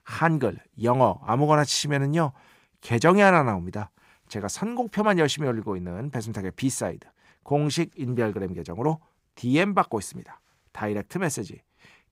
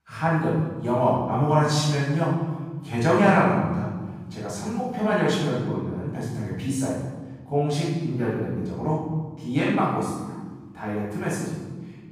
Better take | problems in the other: first | off-mic speech; far // room echo; strong; dies away in 1.5 s

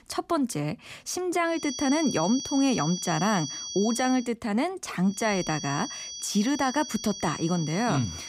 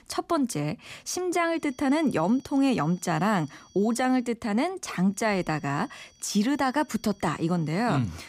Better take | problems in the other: second | high-pitched whine; loud; from 1.5 to 4 s and from 5 s on; 6 kHz, 7 dB below the speech; faint in the second

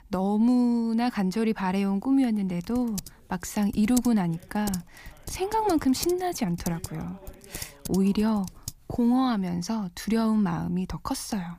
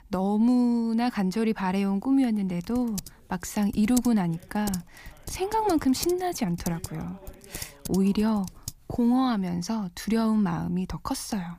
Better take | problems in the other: neither | keyboard typing; noticeable; from 3 to 8.5 s; peak 9 dB below the speech; the same in both

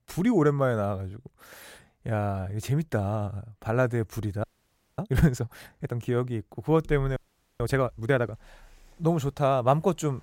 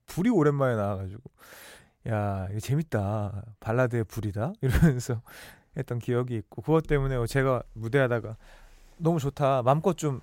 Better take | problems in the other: second | audio freezing; at 4.5 s for 0.5 s and at 7 s

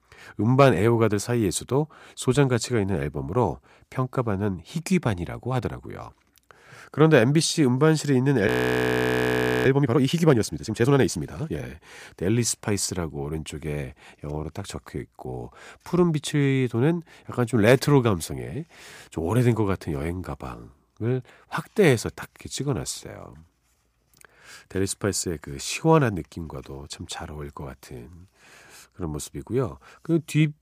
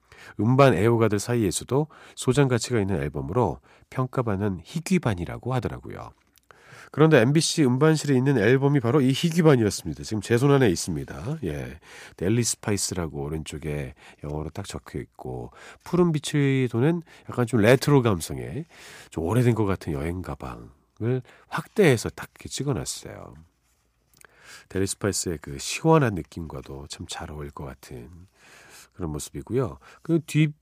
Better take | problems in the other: second | audio freezing; at 8.5 s for 1 s

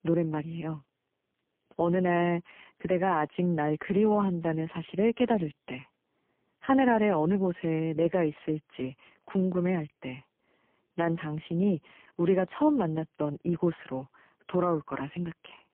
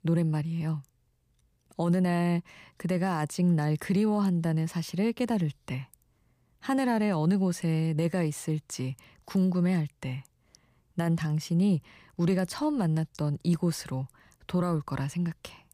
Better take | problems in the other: second | phone-call audio; poor line; nothing above 3 kHz

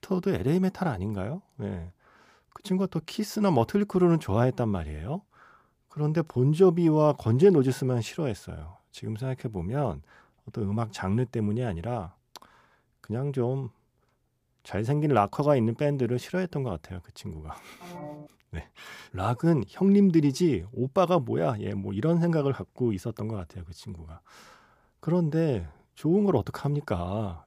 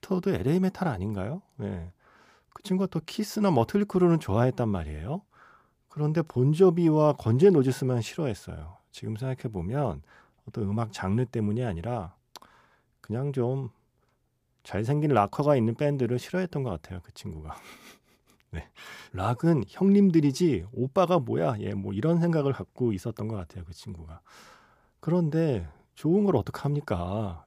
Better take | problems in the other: second | phone ringing; faint; at 18 s; peak 15 dB below the speech

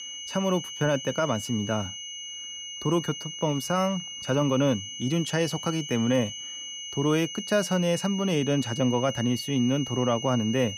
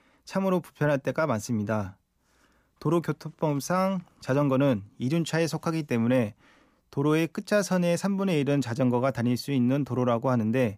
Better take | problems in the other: second | high-pitched whine; loud; throughout; 3 kHz, 8 dB below the speech

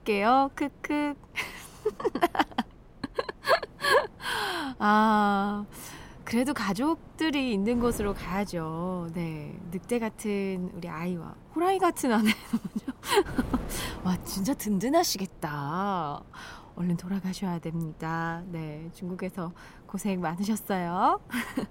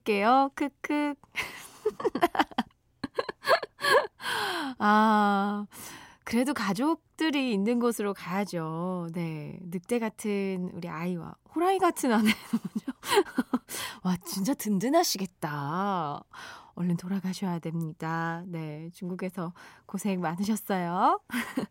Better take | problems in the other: second | wind noise on the microphone; occasional gusts; 25 dB below the speech

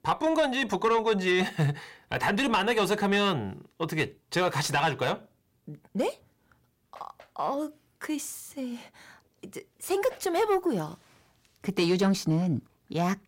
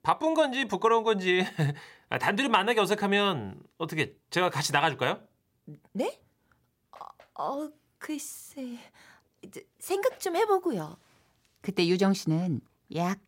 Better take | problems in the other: second | distortion; slight; 10 dB below the speech

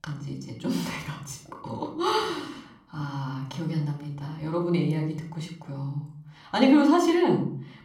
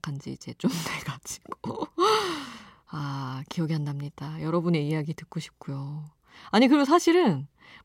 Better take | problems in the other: second | off-mic speech; somewhat distant // room echo; slight; dies away in 0.5 s

